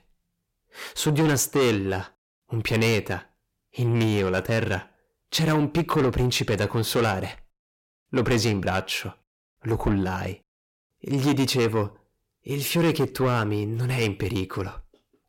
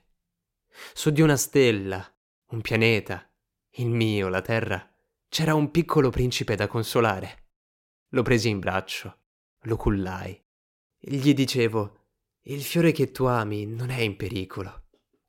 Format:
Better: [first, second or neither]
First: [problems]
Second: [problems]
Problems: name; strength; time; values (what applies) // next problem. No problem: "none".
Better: second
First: distortion; heavy; 8 dB below the speech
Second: none